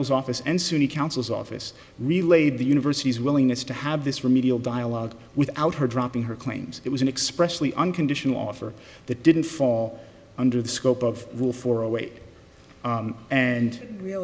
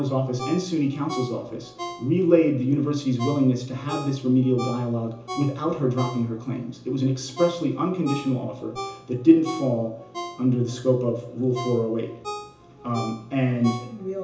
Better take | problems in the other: first | background sound (Ringtone); 14 dB below the speech // room echo; dies away in 0.7 s

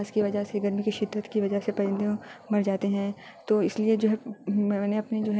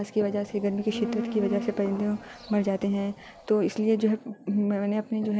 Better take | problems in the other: first | background sound (Insect); 10 dB below the speech

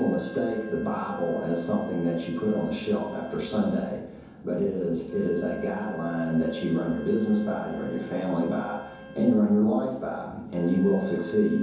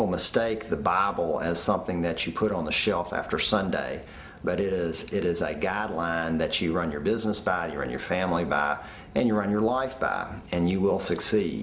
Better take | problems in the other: second | background sound (Wind instrument, woodwind instrument); 18 dB below the speech // room echo; dies away in 0.9 s

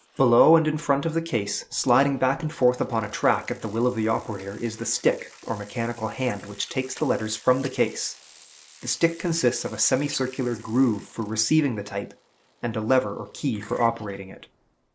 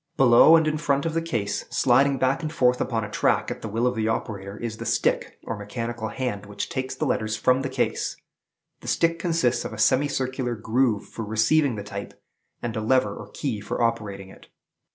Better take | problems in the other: second | noise reduction (neural mask model Resemble Enhance denoiser)

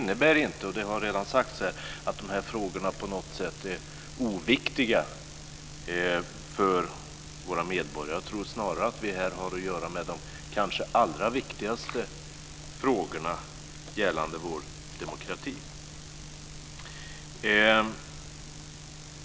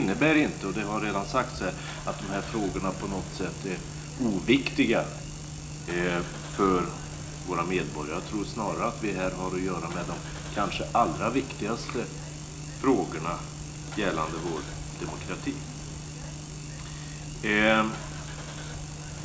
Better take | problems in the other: first | background sound (Engine starting / Car); 14 dB below the speech // room echo; dies away in 0.4 s

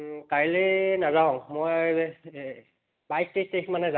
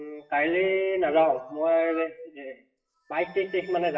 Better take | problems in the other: first | noise reduction (classical method WPE with log-MMSE)

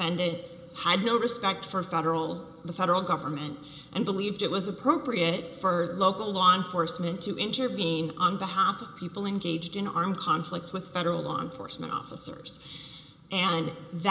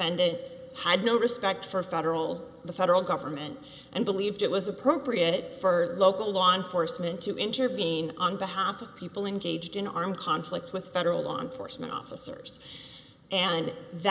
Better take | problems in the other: second | room echo; dies away in 0.6 s

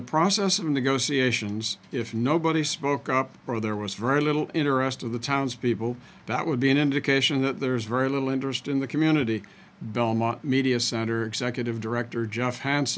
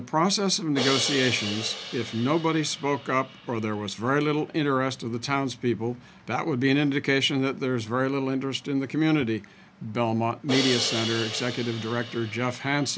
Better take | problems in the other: first | background sound (Crash cymbal); 11 dB below the speech

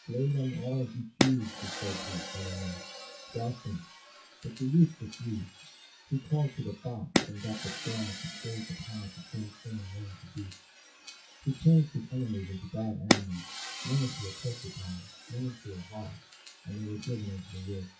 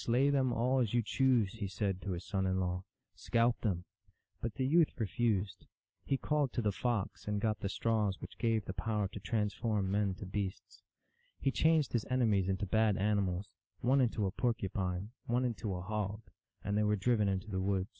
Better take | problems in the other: second | noise reduction (classical method WPE with log-MMSE)

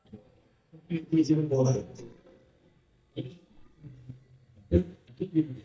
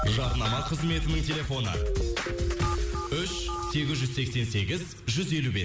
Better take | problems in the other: second | noise reduction (neural mask model DeepFilterNet 3)

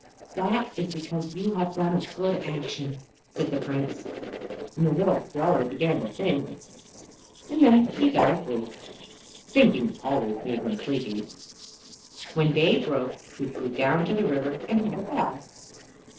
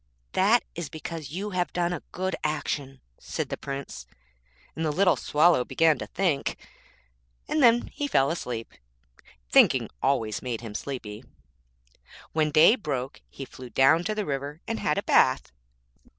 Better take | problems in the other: second | noise reduction (neural separator model SepFormer DNS4)

